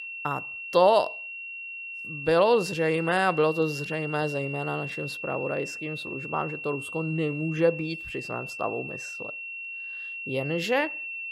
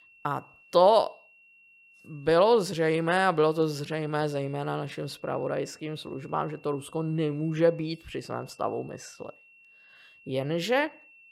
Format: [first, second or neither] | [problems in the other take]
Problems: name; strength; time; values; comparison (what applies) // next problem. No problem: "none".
second | high-pitched whine; loud; throughout; 2.5 kHz, 7 dB below the speech; faint in the second